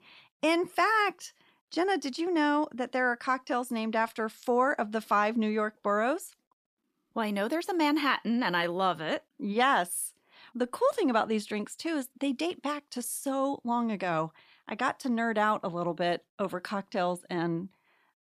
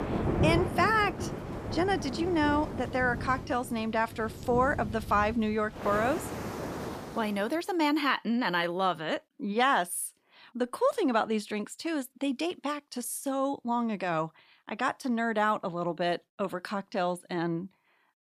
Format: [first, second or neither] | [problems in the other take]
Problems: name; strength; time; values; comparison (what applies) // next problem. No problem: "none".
first | rain or running water; loud; until 7 s; 6 dB below the speech